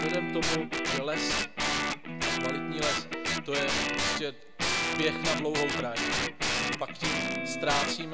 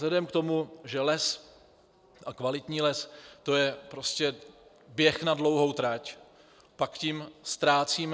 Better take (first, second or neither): second